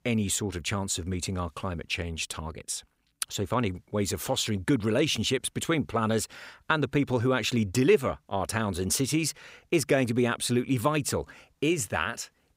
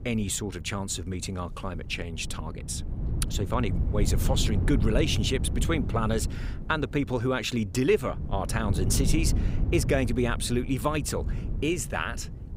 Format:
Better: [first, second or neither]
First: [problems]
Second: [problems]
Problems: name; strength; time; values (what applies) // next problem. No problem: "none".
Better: first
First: none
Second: wind noise on the microphone; occasional gusts; 10 dB below the speech